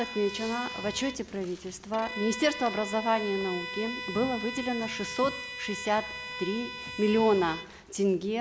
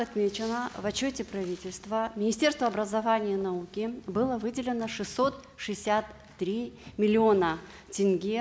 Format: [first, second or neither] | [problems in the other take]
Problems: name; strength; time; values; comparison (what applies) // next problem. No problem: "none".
second | background sound (Bowed string instrument); 9 dB below the speech